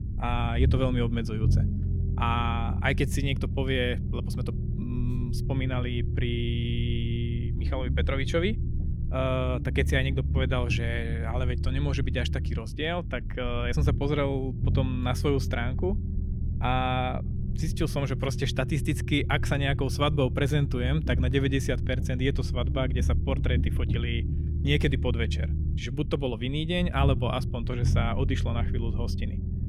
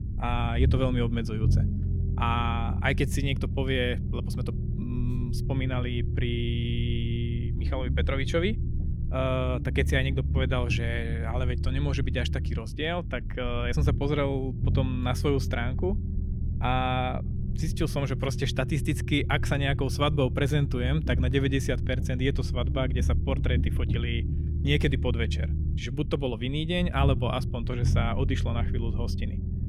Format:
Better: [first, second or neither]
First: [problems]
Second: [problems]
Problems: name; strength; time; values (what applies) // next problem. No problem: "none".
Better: neither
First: low rumble; noticeable; throughout; 10 dB below the speech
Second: low rumble; noticeable; throughout; 10 dB below the speech